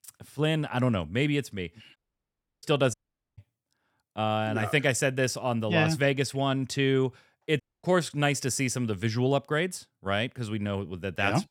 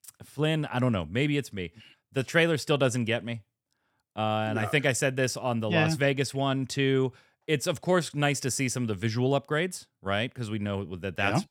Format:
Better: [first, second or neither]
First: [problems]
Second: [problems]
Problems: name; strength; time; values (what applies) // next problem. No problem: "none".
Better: second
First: audio cutting out; at 2 s for 0.5 s, at 3 s and at 7.5 s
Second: none